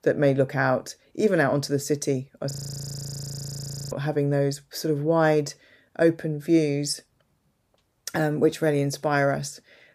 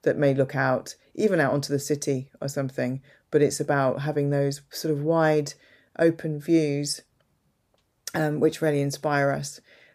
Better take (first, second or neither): second